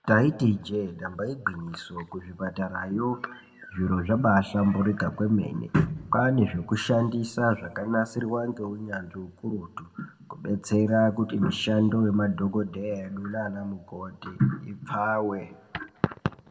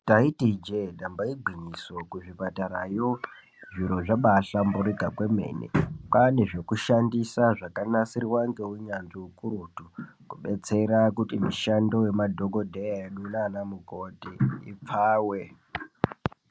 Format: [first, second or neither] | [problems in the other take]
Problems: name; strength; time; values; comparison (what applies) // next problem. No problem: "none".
second | room echo; dies away in 0.9 s